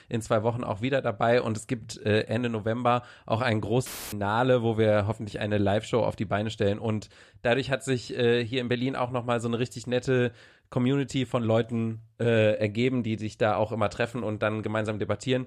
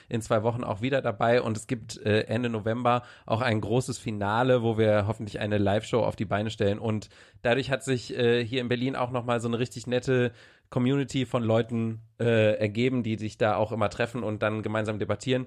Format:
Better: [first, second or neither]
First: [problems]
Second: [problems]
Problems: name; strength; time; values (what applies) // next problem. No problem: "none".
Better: second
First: audio cutting out; filled with static; at 4 s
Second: none